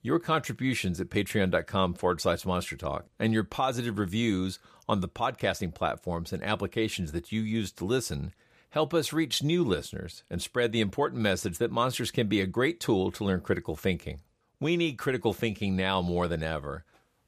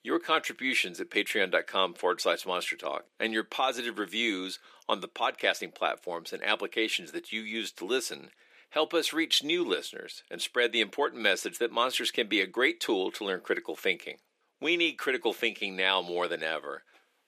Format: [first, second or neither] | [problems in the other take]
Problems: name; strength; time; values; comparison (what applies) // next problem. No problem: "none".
first | thin; somewhat; fading below 300 Hz